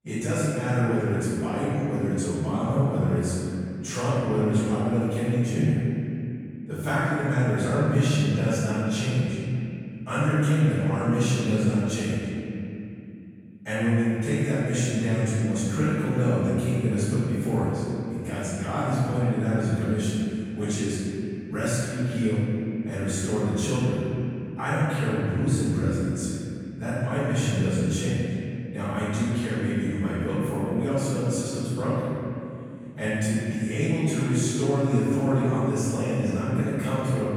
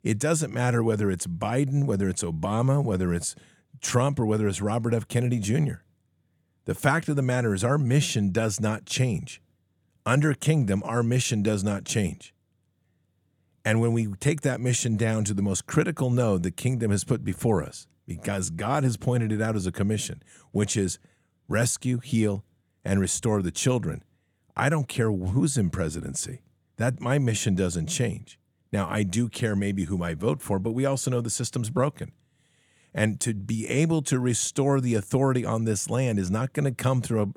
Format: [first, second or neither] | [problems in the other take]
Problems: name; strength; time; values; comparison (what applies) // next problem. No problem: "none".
second | off-mic speech; far // room echo; strong; dies away in 2.9 s